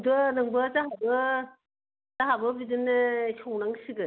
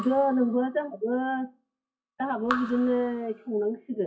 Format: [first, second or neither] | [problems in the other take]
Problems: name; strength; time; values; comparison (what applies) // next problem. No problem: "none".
first | noise reduction (classical method WPE with log-MMSE)